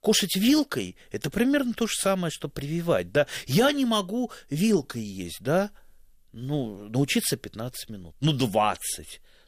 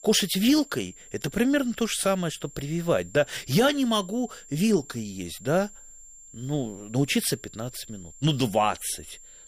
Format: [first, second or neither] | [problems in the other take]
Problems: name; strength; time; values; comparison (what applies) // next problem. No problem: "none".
first | high-pitched whine; faint; throughout; 7.5 kHz, 20 dB below the speech